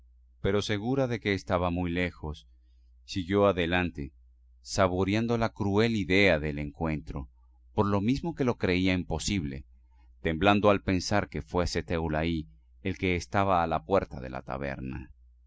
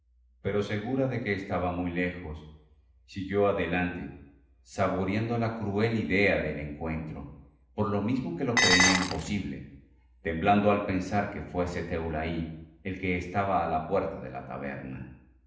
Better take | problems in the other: first | background sound (Dishes, pots, and pans); 5 dB above the speech // room echo; dies away in 0.8 s

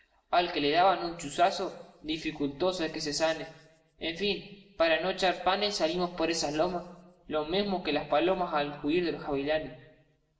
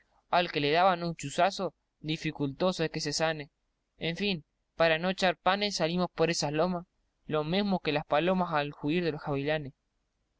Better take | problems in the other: second | room echo; dies away in 0.9 s

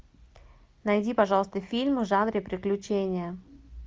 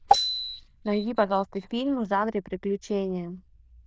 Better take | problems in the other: first | noise reduction (neural diffusion model UNIVERSE++)

